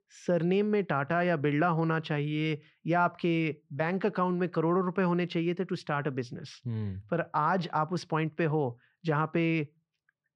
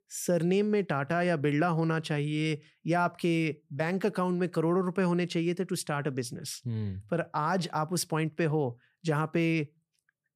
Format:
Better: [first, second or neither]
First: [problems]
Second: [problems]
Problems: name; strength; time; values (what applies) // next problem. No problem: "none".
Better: second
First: muffled; slightly; fading above 4 kHz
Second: none